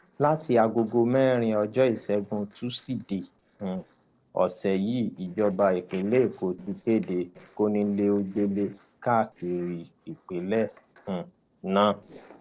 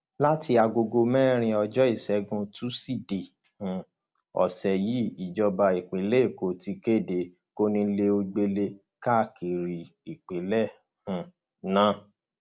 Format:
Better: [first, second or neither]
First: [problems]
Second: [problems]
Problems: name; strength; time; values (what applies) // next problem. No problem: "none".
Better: second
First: noise reduction (neural separator model SepFormer DNS4)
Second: none